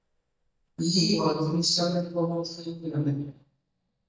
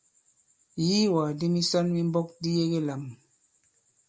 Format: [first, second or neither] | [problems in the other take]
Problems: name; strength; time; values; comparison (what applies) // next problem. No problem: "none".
second | noise reduction (neural mask model DeepFilterNet 3)